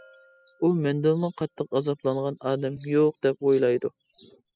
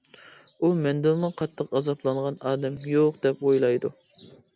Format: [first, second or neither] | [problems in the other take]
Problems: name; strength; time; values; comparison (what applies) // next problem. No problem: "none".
second | noise reduction (classical method spectral subtraction)